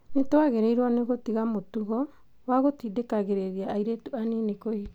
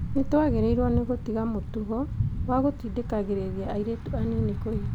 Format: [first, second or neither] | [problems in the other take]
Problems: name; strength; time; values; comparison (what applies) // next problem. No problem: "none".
first | background sound (Thunder / Bicycle); 3 dB below the speech